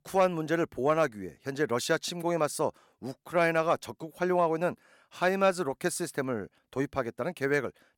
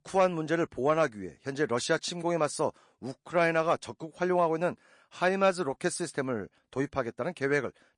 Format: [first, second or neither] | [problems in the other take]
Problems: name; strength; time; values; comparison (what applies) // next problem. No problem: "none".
first | garbled, watery; slightly